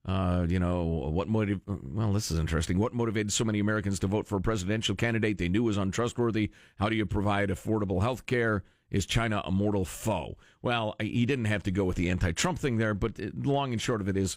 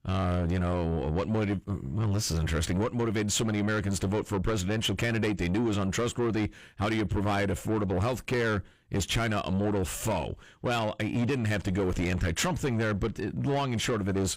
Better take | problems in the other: first | distortion; slight; 10 dB below the speech

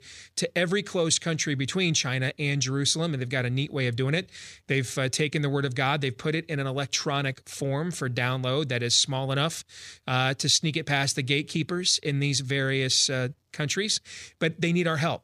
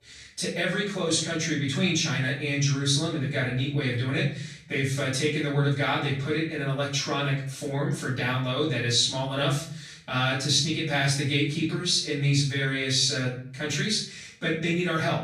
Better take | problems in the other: first | room echo; noticeable; dies away in 0.5 s // off-mic speech; far

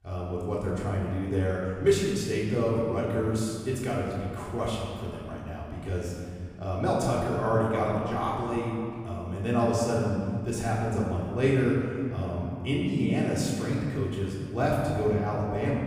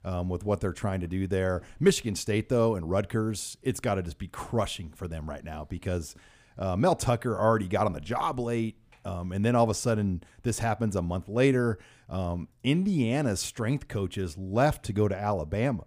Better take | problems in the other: second | off-mic speech; far // room echo; noticeable; dies away in 2.1 s

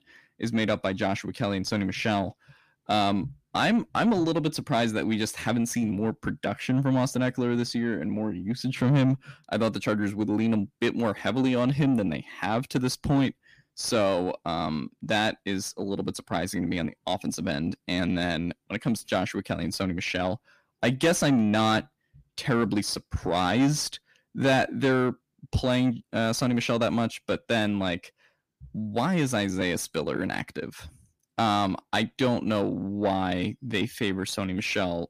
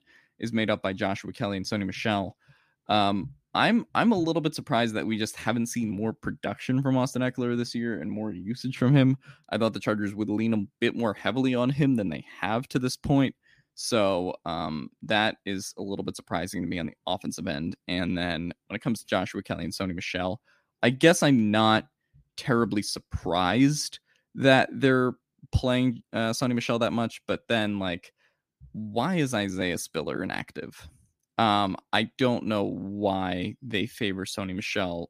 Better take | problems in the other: second | distortion; slight; 10 dB below the speech

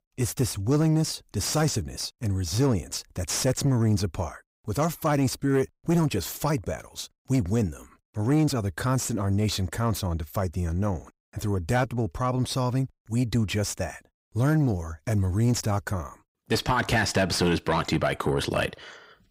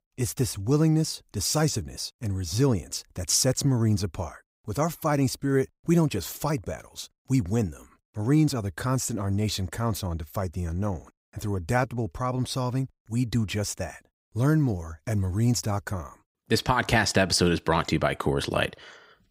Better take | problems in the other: second | distortion; slight; 10 dB below the speech

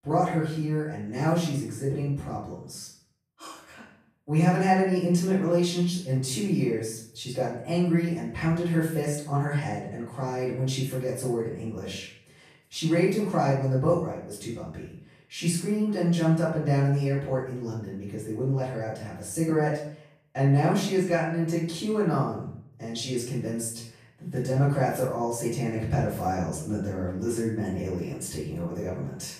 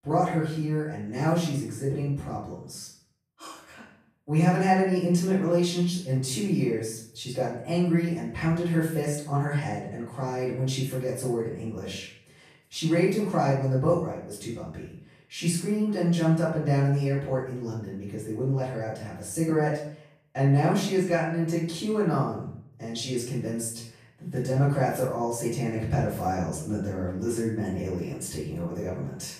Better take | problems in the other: neither | off-mic speech; far; the same in both // room echo; noticeable; dies away in 0.5 s; the same in both

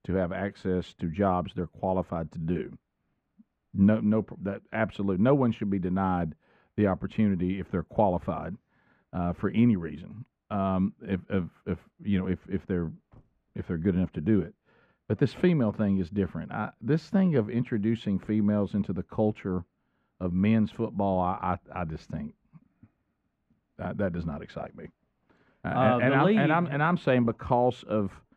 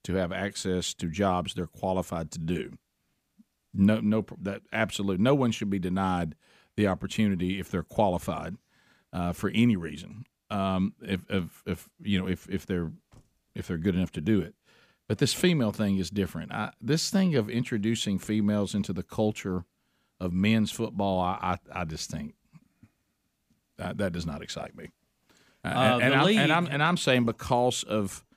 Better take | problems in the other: second | muffled; very; fading above 3.5 kHz

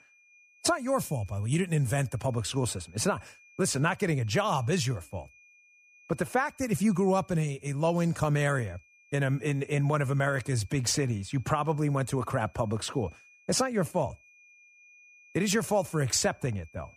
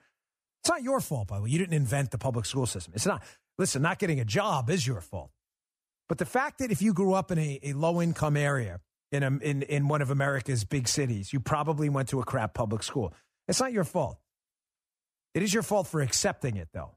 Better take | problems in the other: second | high-pitched whine; faint; throughout; 2.5 kHz, 30 dB below the speech

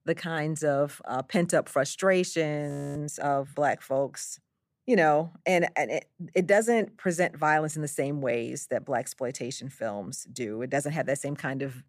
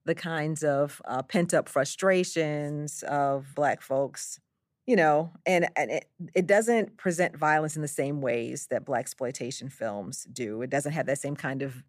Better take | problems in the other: second | audio freezing; at 2.5 s

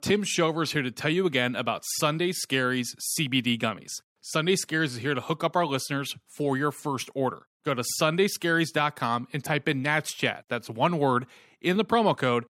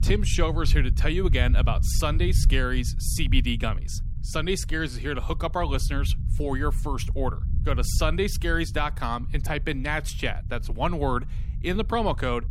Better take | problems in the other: first | low rumble; noticeable; throughout; 15 dB below the speech

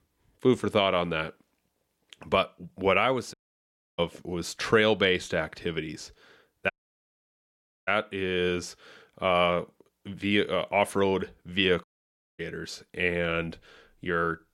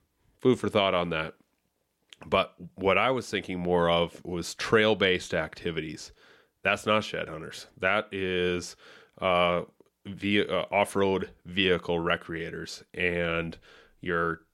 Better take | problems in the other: second | audio cutting out; at 3.5 s for 0.5 s, at 6.5 s for 1 s and at 12 s for 0.5 s

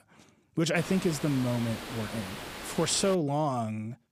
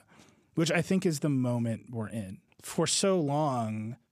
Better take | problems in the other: second | hiss; noticeable; from 1 to 3 s; 10 dB below the speech

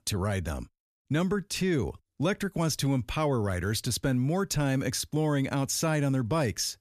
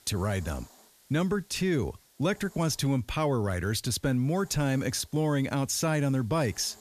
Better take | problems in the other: first | hiss; faint; throughout; 25 dB below the speech

